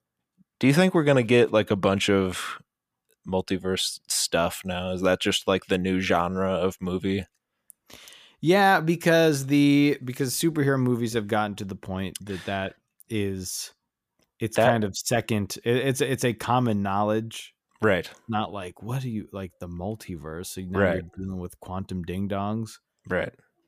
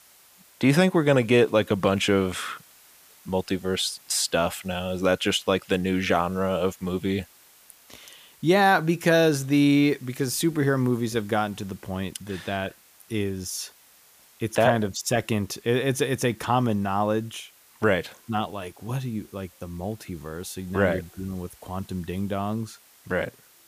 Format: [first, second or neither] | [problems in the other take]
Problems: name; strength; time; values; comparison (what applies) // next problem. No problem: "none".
first | hiss; faint; throughout; 25 dB below the speech